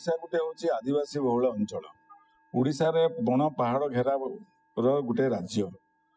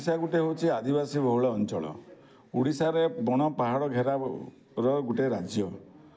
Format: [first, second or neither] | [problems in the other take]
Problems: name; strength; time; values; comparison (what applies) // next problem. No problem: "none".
second | noise reduction (classical method spectral subtraction)